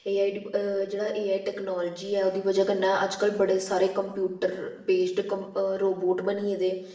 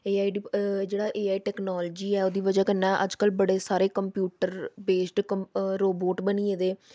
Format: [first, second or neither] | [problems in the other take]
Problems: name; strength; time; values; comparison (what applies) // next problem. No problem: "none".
second | room echo; dies away in 0.8 s